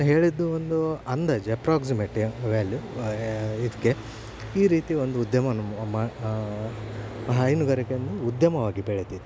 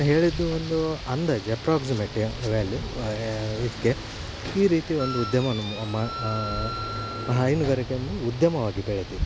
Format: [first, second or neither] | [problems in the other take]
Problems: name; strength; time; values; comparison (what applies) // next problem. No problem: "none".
first | background sound (Rain + Wind instrument, woodwind instrument); 9 dB below the speech